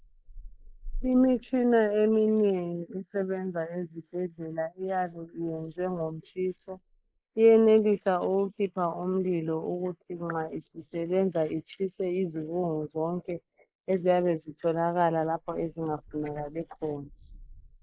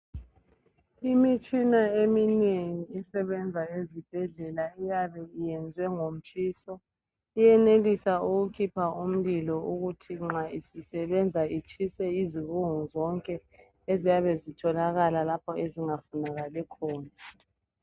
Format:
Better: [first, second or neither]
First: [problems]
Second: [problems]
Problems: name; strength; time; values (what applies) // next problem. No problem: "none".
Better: second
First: noise reduction (neural mask model Resemble Enhance denoiser)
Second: none